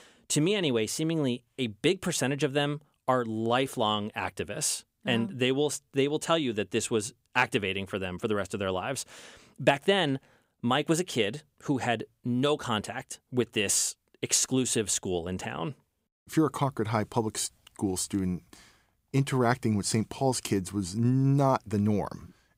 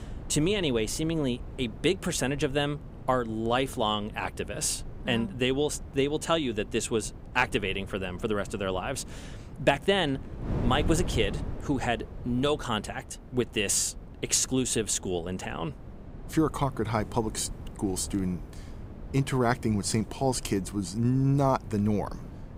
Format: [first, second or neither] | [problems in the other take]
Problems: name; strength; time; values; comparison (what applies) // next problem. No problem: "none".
first | wind noise on the microphone; occasional gusts; 20 dB below the speech